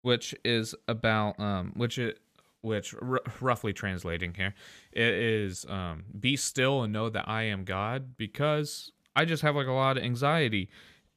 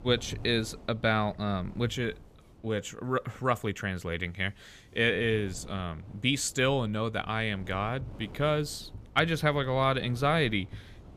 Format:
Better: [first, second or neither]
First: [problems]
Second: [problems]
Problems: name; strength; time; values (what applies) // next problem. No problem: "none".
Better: first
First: none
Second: wind noise on the microphone; occasional gusts; 25 dB below the speech